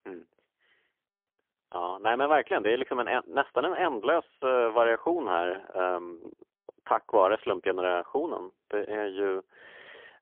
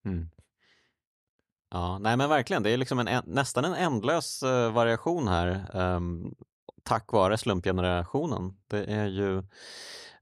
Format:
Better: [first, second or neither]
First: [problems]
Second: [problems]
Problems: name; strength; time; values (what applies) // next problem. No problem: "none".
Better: second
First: phone-call audio; poor line; nothing above 3.5 kHz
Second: none